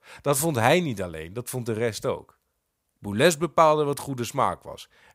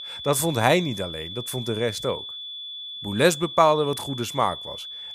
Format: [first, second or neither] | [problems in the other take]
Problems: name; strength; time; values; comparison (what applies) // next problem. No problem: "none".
first | high-pitched whine; loud; throughout; 3.5 kHz, 10 dB below the speech